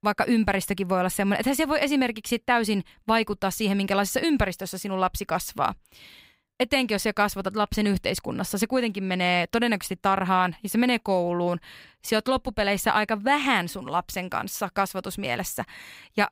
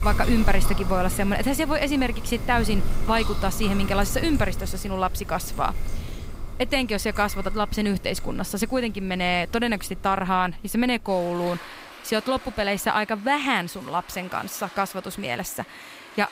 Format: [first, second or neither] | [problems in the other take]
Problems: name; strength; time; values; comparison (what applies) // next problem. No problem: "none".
first | rain or running water; loud; throughout; 9 dB below the speech